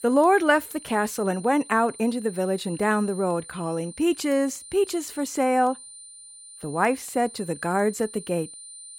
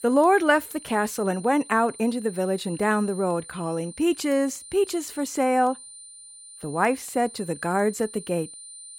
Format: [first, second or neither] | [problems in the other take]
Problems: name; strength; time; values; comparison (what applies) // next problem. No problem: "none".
neither | high-pitched whine; noticeable; throughout; 9 kHz, 15 dB below the speech; the same in both